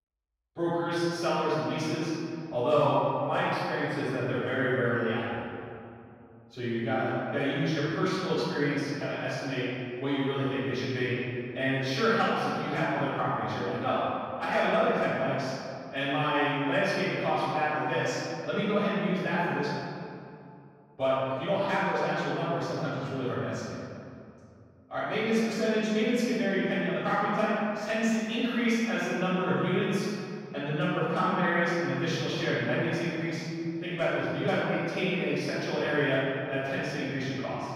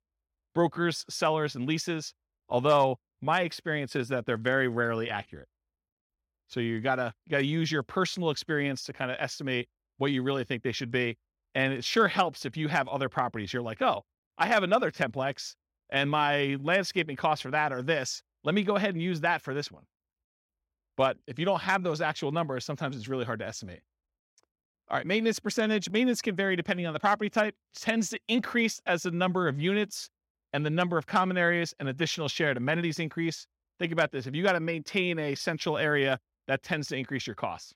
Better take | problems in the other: second | off-mic speech; far // room echo; strong; dies away in 2.4 s

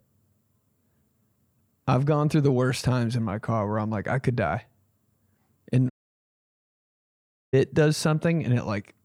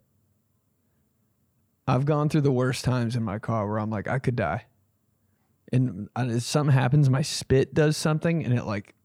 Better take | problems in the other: second | audio cutting out; at 6 s for 1.5 s

